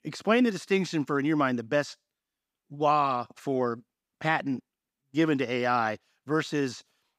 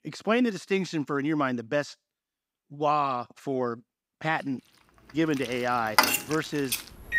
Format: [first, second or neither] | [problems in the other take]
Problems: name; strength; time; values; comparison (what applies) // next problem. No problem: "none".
first | household noises; very loud; from 5 s on; 2 dB above the speech